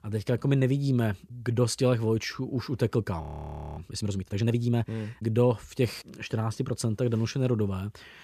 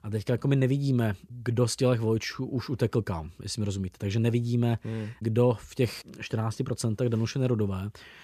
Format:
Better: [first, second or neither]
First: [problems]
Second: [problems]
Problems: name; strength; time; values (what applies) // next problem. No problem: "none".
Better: second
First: audio freezing; at 3 s for 0.5 s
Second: none